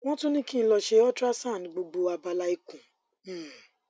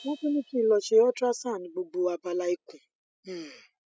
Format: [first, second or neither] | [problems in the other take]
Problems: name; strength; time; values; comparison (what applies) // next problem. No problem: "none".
first | noise reduction (classical method spectral subtraction)